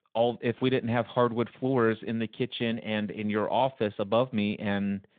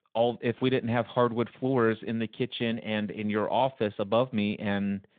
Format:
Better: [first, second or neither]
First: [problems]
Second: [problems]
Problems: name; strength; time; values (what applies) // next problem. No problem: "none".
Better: neither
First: phone-call audio; nothing above 3.5 kHz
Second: phone-call audio; nothing above 3.5 kHz